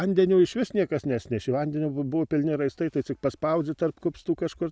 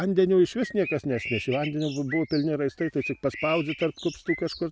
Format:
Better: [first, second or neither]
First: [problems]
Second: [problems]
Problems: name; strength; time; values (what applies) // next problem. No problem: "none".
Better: first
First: none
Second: background sound (Bird); 12 dB below the speech